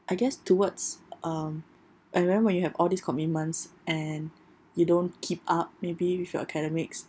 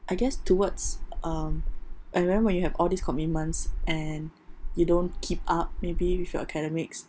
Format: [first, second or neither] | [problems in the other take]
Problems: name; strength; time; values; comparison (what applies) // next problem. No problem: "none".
first | background sound (Meow); 2 dB below the speech